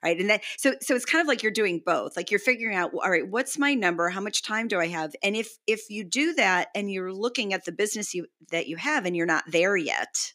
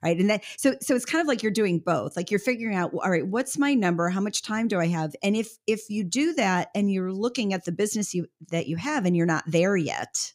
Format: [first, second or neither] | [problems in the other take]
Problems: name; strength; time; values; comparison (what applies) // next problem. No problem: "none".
second | thin; somewhat; fading below 250 Hz